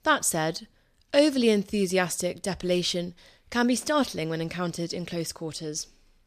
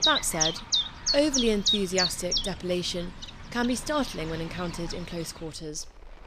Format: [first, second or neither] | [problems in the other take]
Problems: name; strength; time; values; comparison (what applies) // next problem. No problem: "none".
first | animal sounds; very loud; throughout; 4 dB above the speech